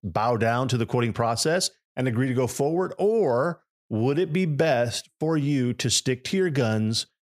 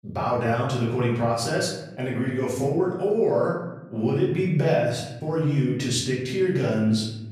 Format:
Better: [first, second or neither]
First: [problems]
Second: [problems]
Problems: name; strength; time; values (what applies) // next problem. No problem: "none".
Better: first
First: none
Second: off-mic speech; far // room echo; noticeable; dies away in 1 s